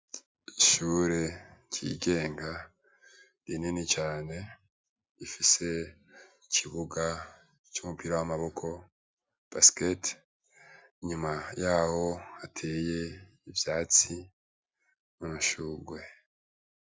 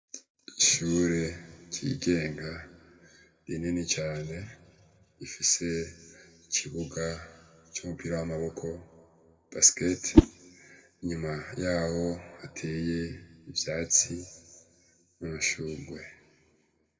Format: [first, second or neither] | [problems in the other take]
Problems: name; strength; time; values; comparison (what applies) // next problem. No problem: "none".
first | background sound (Whoosh, swoosh, swish); 4 dB above the speech // room echo; dies away in 1.7 s